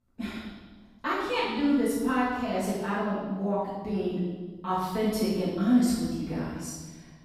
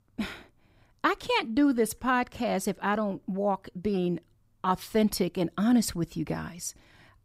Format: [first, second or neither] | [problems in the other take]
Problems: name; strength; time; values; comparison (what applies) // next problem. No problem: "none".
second | off-mic speech; far // room echo; strong; dies away in 1.2 s